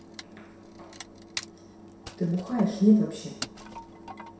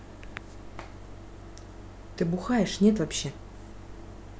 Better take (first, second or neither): second